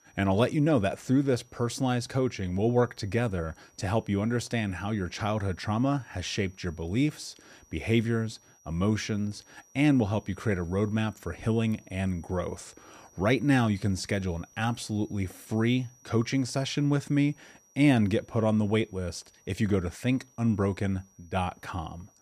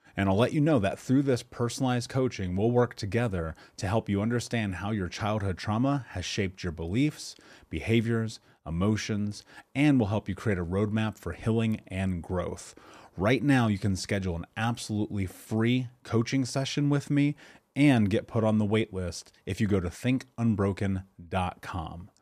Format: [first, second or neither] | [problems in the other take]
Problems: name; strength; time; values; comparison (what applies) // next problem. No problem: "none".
second | high-pitched whine; faint; throughout; 6 kHz, 30 dB below the speech